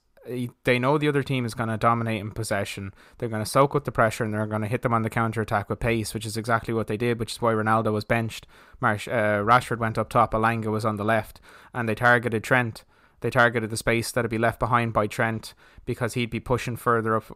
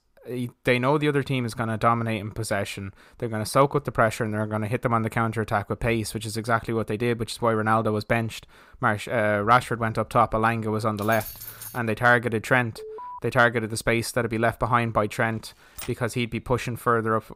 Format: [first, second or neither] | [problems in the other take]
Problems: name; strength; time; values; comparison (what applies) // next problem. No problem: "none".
first | jangling keys; faint; at 11 s; peak 10 dB below the speech // alarm; faint; at 13 s; peak 15 dB below the speech // keyboard typing; faint; at 16 s; peak 15 dB below the speech